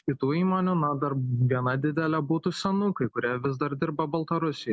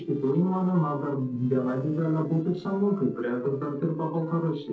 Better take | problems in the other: first | noise reduction (neural separator model SepFormer DNS4)

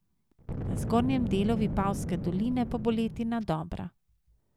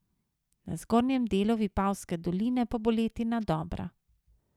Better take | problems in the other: second | background sound (Boom); 5 dB below the speech

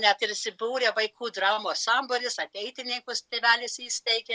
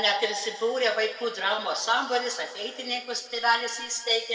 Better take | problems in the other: first | room echo; dies away in 2 s

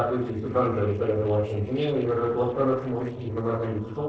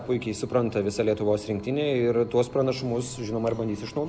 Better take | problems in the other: second | noise reduction (neural separator model SepFormer DNS4)

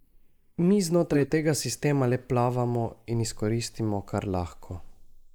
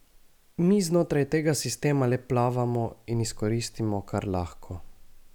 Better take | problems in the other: second | noise reduction (neural mask model Resemble Enhance denoiser)

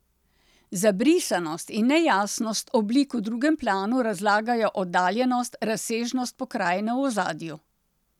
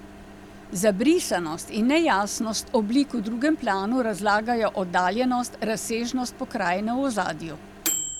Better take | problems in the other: first | background sound (Microwave oven); 14 dB below the speech

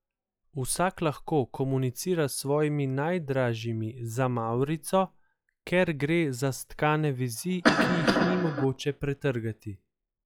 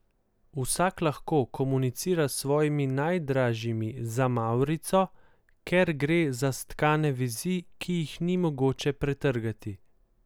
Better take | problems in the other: second | noise reduction (classical method log-MMSE)

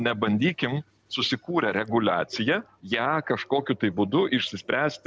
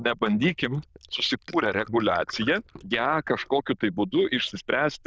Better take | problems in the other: first | noise reduction (neural diffusion model UNIVERSE++)

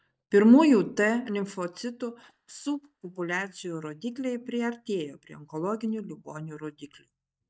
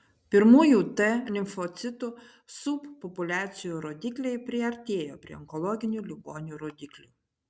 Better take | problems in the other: second | noise reduction (neural mask model DeepFilterNet 3)

